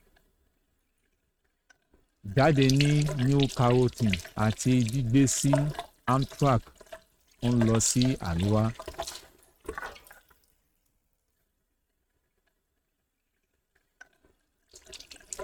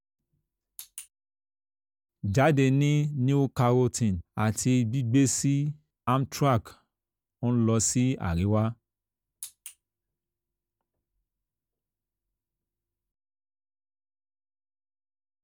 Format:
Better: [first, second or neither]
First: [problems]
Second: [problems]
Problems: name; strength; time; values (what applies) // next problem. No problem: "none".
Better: second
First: noise reduction (neural mask model RNNoise)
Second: none